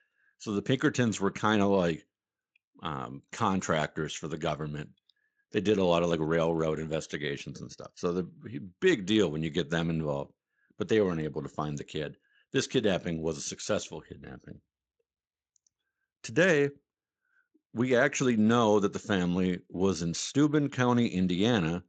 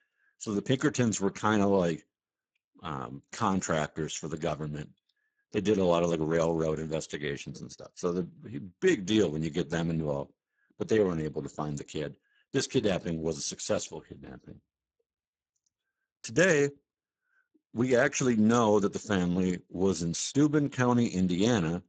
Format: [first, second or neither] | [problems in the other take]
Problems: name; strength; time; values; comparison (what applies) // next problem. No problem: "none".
first | garbled, watery; badly; nothing above 7.5 kHz; slightly in the first